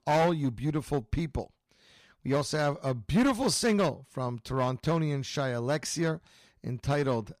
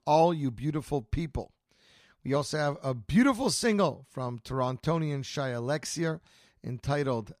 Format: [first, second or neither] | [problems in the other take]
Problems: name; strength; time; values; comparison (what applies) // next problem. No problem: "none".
second | distortion; slight; 6% of the sound clipped